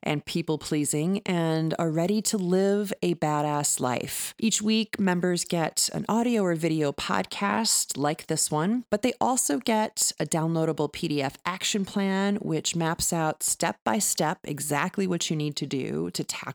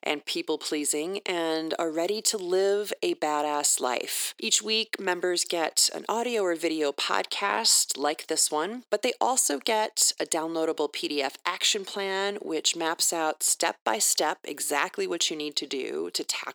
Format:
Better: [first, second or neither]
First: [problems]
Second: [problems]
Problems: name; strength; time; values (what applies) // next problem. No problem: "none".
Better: first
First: none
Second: thin; somewhat; fading below 350 Hz